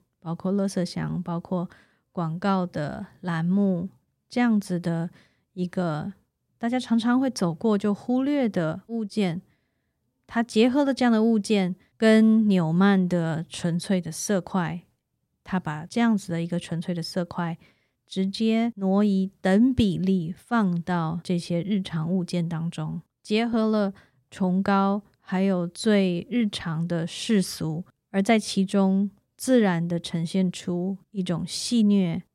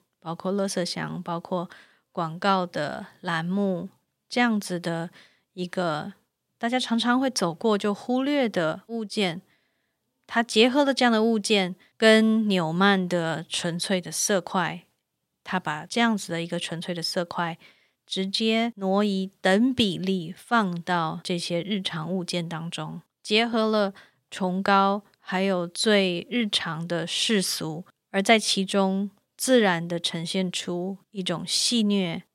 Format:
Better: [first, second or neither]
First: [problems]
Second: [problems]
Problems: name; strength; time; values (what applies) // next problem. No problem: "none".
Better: first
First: none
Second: thin; very slightly; fading below 550 Hz